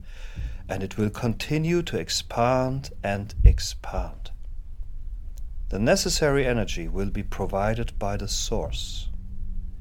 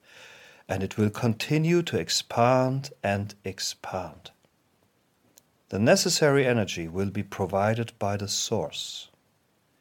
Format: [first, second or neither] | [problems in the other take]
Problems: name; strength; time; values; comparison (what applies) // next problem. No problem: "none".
second | low rumble; faint; throughout; 25 dB below the speech